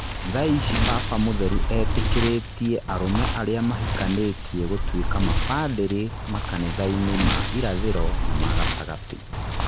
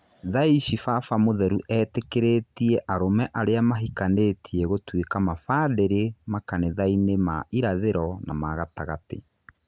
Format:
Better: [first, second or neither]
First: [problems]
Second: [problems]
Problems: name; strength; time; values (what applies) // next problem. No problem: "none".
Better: second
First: background sound (Wind); 2 dB above the speech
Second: none